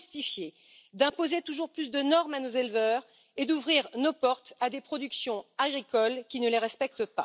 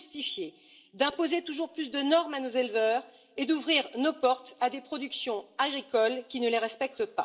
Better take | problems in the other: first | room echo; dies away in 0.7 s

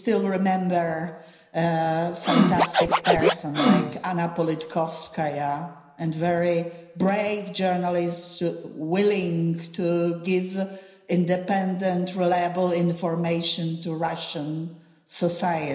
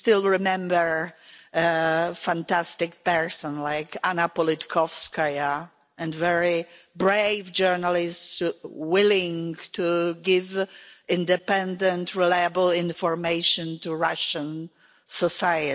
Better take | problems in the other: second | background sound (Scratching (performance technique)); 2 dB above the speech // room echo; dies away in 0.9 s

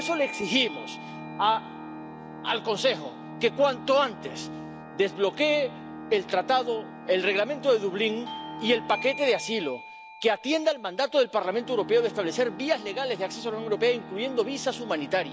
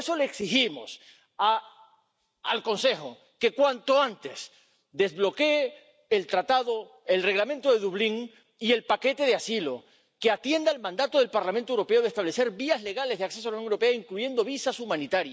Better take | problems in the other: second | background sound (Bell / Doorbell + Organ); 13 dB below the speech

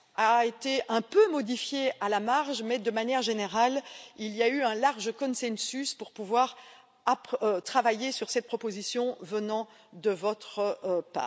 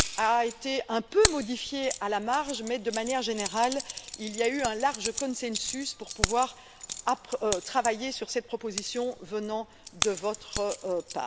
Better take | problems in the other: first | background sound (Keys jangling); 6 dB below the speech

